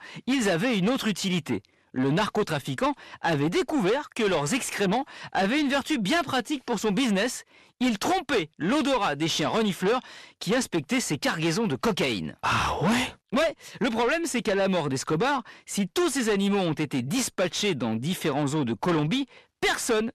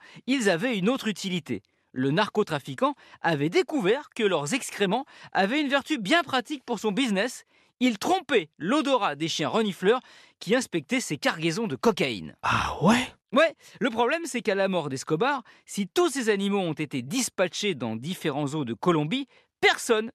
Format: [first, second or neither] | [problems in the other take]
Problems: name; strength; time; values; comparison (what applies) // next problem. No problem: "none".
second | distortion; heavy; 7 dB below the speech